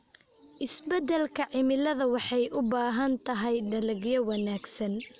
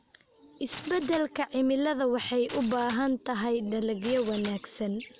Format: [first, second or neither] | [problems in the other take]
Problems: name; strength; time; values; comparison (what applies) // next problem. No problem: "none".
first | background sound (Glass); 16 dB below the speech